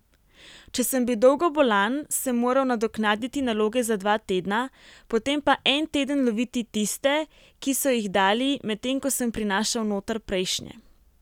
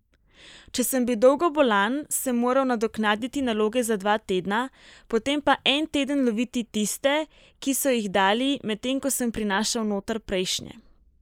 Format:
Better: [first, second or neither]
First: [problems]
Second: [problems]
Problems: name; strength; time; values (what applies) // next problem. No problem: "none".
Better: first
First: none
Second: noise reduction (neural mask model Resemble Enhance denoiser)